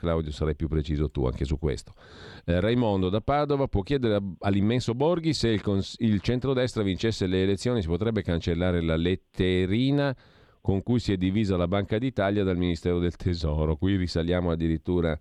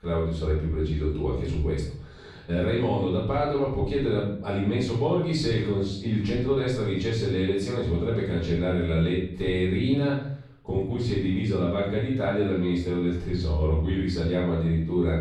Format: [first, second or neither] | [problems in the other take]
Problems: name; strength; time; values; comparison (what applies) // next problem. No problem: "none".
first | off-mic speech; far // room echo; noticeable; dies away in 0.6 s